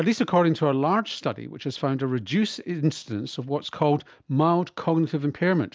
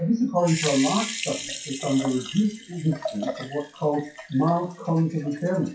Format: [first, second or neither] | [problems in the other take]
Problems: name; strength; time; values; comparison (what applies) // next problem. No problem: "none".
first | noise reduction (classical method WPE with log-MMSE)